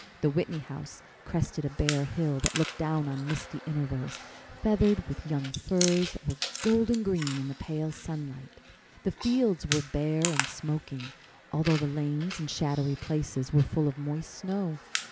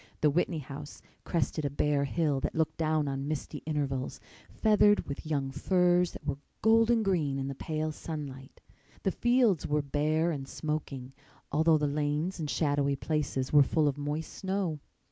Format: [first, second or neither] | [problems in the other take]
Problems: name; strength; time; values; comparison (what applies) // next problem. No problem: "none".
second | background sound (Chewing, mastication); 10 dB below the speech